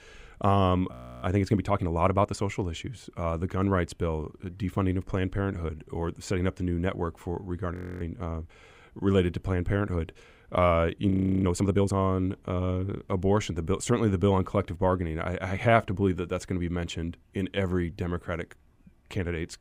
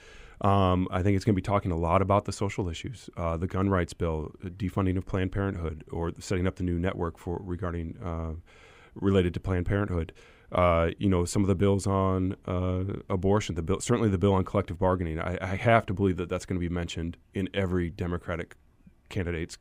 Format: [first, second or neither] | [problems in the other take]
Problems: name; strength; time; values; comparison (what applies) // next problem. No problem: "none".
second | audio freezing; at 1 s, at 7.5 s and at 11 s